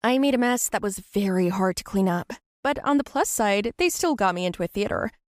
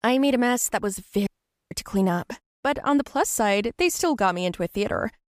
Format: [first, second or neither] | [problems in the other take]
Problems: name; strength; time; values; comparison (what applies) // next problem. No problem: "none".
first | audio cutting out; at 1.5 s